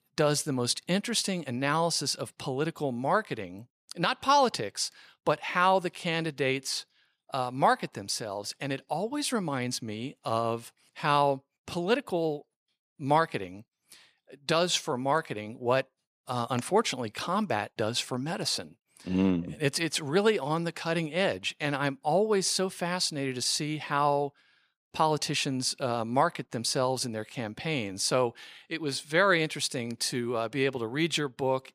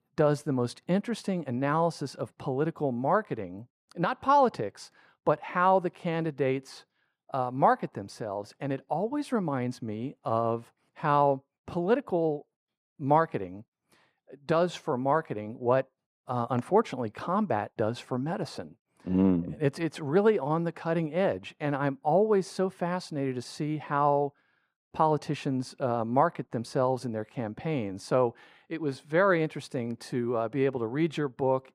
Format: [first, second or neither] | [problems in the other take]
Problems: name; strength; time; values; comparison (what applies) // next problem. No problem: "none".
first | muffled; very; fading above 2 kHz